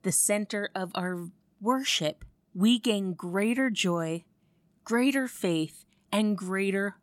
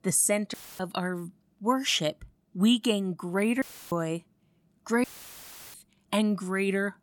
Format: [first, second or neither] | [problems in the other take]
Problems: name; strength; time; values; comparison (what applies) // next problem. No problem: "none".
first | audio cutting out; filled with static; at 0.5 s, at 3.5 s and at 5 s for 0.5 s